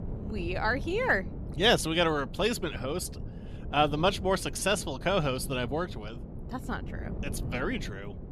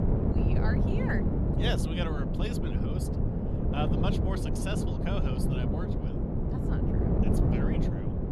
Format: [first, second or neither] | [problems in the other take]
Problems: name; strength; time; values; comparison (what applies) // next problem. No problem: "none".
first | wind noise on the microphone; heavy; 1 dB above the speech; occasional gusts in the first